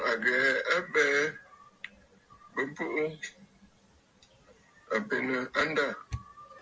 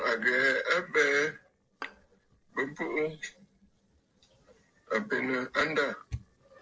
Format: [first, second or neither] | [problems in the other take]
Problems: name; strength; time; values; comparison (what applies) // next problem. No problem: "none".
first | noise reduction (neural separator model SepFormer DNS4)